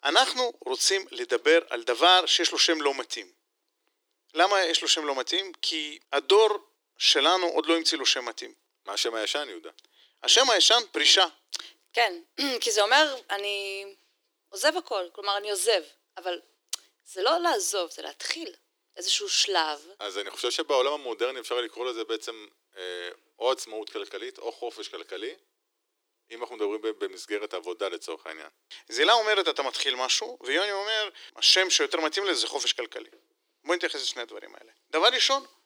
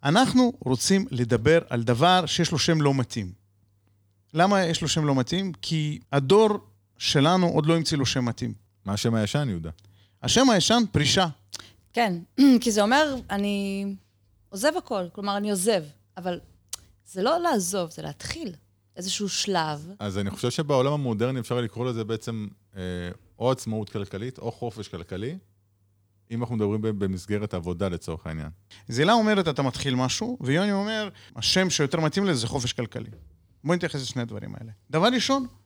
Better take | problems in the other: second | thin; very; fading below 300 Hz

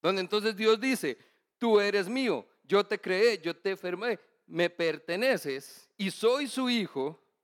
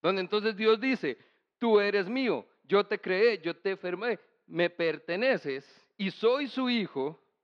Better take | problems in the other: first | muffled; very slightly; fading above 4 kHz

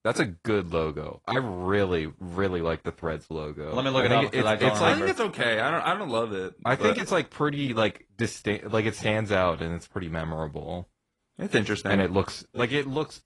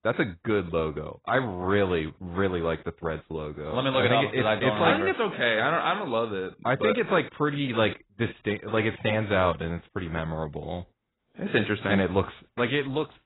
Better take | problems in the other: first | garbled, watery; badly; nothing above 4 kHz; slightly in the first

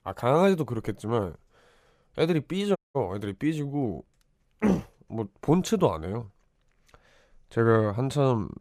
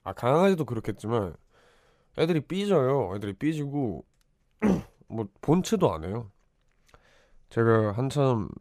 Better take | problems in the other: second | audio cutting out; at 3 s

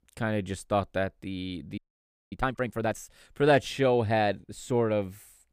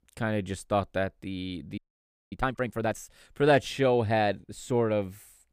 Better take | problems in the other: neither | audio freezing; at 2 s for 0.5 s; the same in both

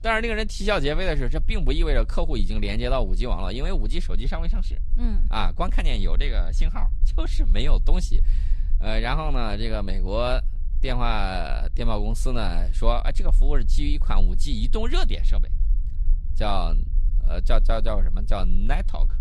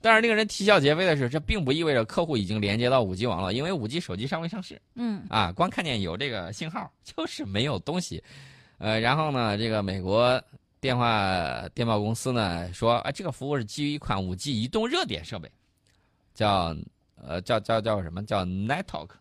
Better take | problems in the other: second | low rumble; faint; throughout; 25 dB below the speech

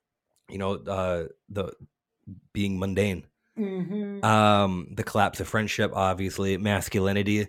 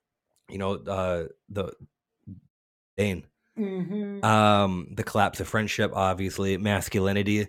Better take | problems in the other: first | audio cutting out; at 2.5 s

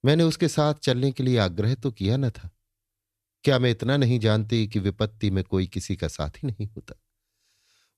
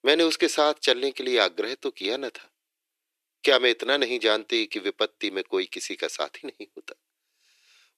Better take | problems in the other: first | thin; very; fading below 350 Hz

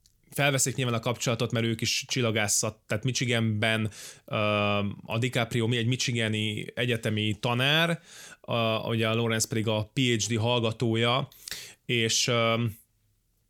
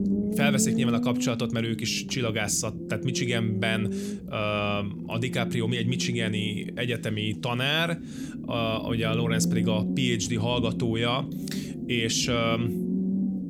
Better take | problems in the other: first | low rumble; loud; throughout; 9 dB below the speech

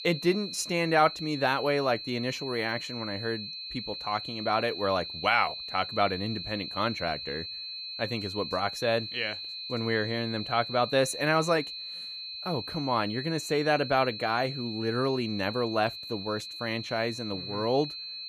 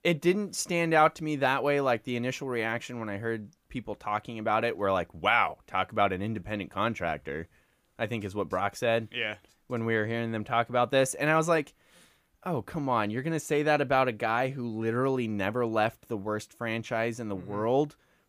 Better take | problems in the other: second | high-pitched whine; loud; throughout; 4 kHz, 7 dB below the speech

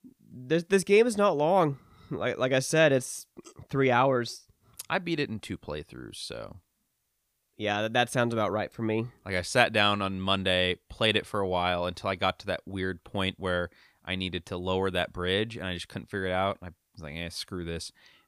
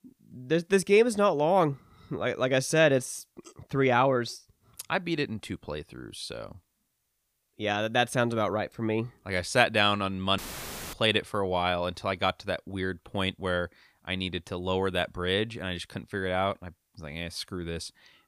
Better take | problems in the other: first | audio cutting out; filled with static; at 10 s for 0.5 s

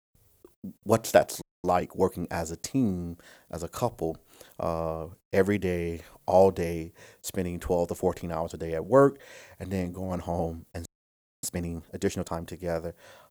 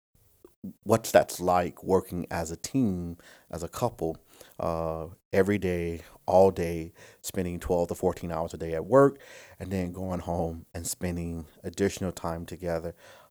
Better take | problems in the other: second | audio freezing; at 1.5 s and at 11 s for 0.5 s

